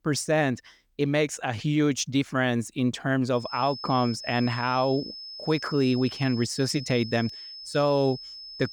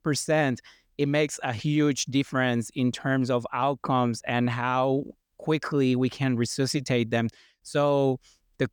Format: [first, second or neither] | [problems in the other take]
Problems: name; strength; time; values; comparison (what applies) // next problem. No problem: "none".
second | high-pitched whine; noticeable; from 3.5 s on; 5 kHz, 10 dB below the speech